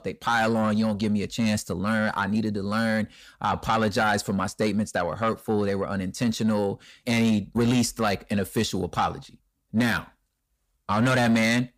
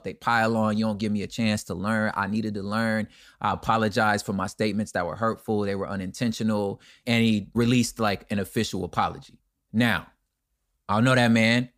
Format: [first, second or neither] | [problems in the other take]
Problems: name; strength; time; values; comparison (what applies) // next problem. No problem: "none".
second | distortion; slight; 10 dB below the speech